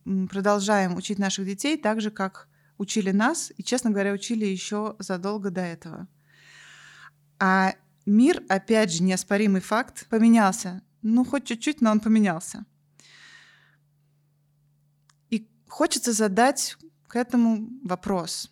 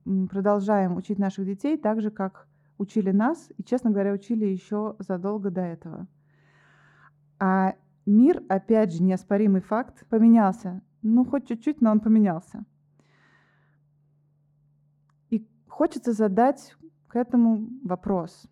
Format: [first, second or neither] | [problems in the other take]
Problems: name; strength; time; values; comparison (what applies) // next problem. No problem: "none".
first | muffled; very; fading above 1.5 kHz